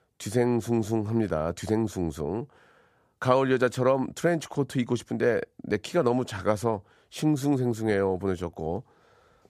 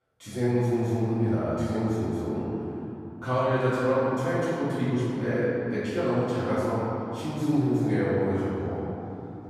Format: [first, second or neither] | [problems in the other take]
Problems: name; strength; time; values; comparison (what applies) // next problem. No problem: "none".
first | off-mic speech; far // room echo; strong; dies away in 3 s